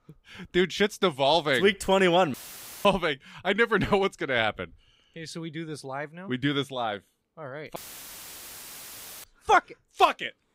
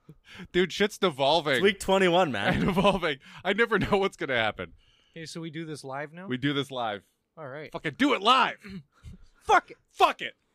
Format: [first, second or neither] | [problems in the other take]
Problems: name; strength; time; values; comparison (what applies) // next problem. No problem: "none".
second | audio cutting out; filled with static; at 2.5 s for 0.5 s and at 8 s for 1.5 s